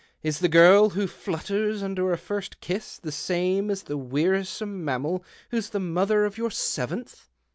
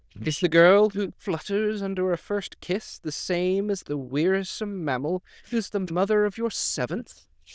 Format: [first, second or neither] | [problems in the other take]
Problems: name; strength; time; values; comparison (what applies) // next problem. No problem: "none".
first | noise reduction (neural diffusion model UNIVERSE++)